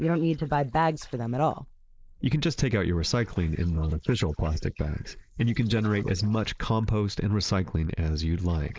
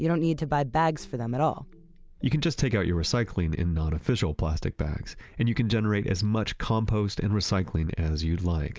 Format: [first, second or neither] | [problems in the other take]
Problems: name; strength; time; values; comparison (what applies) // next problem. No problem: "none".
second | noise reduction (neural mask model Resemble Enhance denoiser)